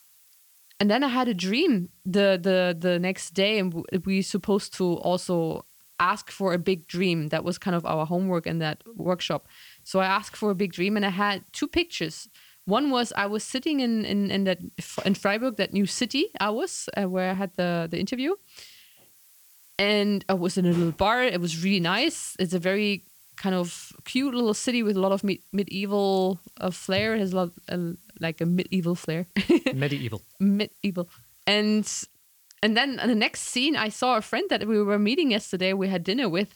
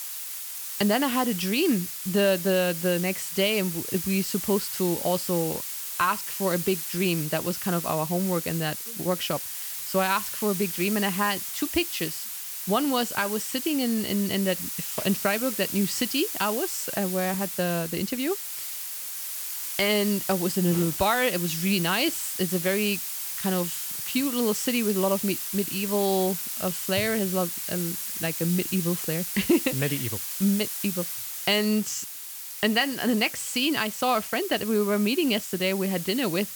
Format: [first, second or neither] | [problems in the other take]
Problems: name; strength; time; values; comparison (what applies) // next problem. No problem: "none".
first | hiss; loud; throughout; 4 dB below the speech; faint in the first